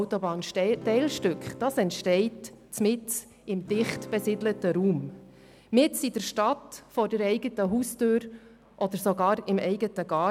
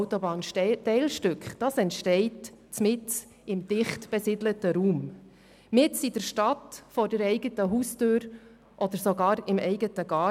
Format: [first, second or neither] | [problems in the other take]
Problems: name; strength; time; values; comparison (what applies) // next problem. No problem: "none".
second | background sound (Acoustic guitar / Strum); 16 dB below the speech